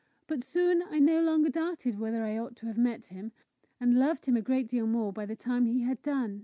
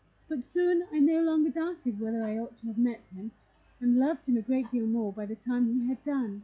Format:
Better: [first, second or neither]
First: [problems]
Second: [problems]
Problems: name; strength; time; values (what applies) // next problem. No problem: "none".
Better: first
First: none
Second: noise reduction (classical method log-MMSE)